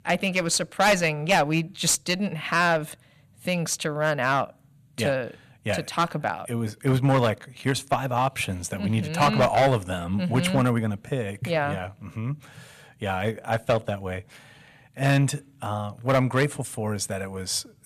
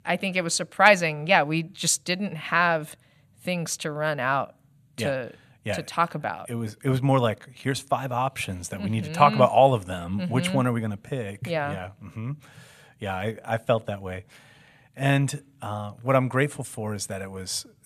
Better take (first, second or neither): second